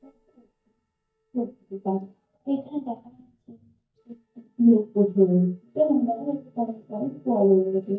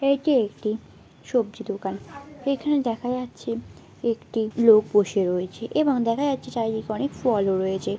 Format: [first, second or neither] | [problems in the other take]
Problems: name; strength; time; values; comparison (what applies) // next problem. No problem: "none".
second | noise reduction (neural mask model DeepFilterNet 3)